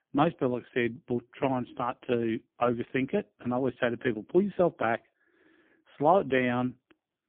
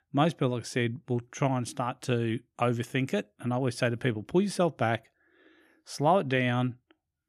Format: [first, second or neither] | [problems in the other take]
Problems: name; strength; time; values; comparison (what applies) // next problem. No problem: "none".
second | phone-call audio; poor line; nothing above 3.5 kHz